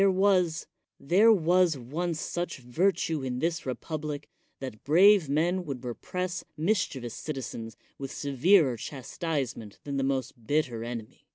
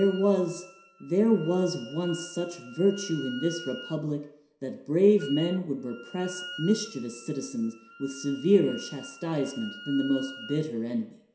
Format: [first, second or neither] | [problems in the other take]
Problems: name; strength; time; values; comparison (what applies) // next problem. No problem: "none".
first | background sound (Wind instrument, woodwind instrument); 17 dB below the speech // room echo; dies away in 0.7 s